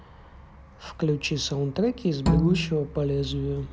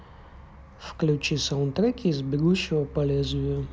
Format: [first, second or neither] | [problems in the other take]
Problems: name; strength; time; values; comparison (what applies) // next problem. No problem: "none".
second | background sound (Bowed string instrument); 1 dB above the speech